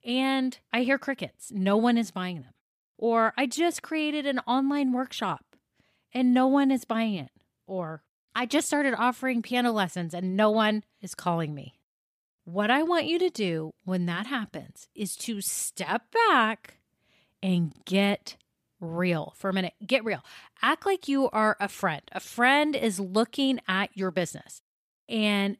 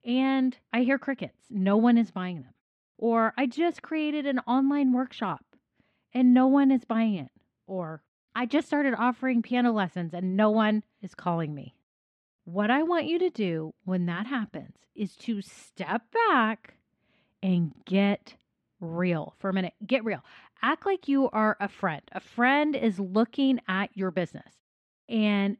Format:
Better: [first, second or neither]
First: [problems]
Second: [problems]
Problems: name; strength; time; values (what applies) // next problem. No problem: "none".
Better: first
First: none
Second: muffled; slightly; fading above 2.5 kHz